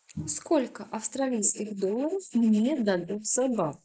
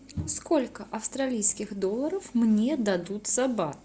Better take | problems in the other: second | noise reduction (neural mask model Resemble Enhance denoiser)

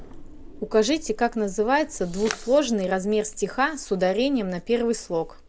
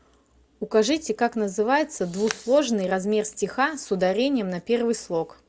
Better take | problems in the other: second | background sound (Drawer open or close); 17 dB below the speech

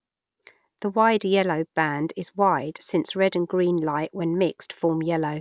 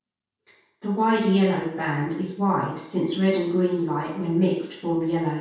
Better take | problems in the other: first | room echo; dies away in 0.6 s

